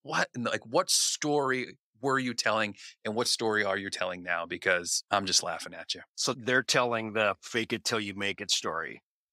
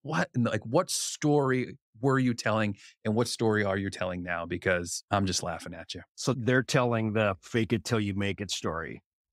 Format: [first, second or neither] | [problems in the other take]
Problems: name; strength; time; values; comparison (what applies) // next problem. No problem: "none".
second | thin; somewhat; fading below 700 Hz